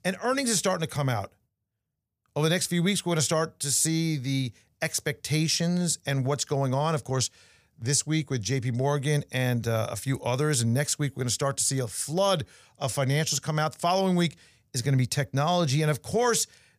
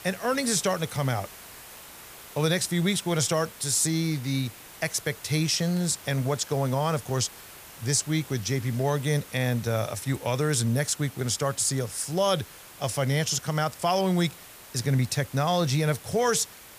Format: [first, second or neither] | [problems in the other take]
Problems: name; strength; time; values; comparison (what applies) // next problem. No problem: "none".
first | hiss; noticeable; throughout; 15 dB below the speech